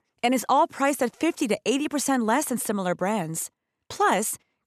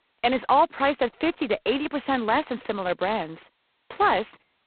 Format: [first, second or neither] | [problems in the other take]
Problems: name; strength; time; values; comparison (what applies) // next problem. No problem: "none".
first | phone-call audio; poor line; nothing above 4 kHz